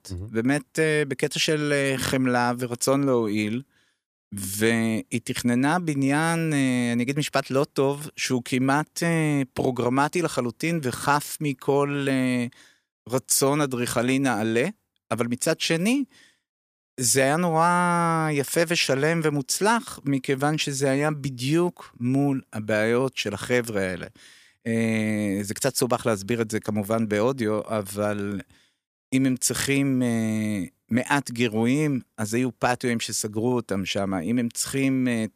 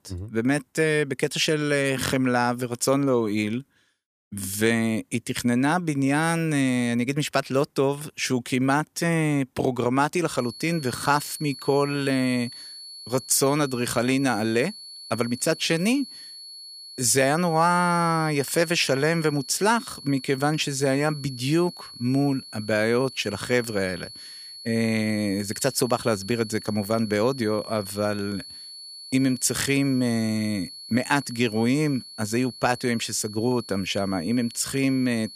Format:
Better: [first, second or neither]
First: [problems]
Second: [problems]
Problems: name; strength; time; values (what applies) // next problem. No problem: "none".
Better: first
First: none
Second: high-pitched whine; noticeable; from 10 s on; 4.5 kHz, 15 dB below the speech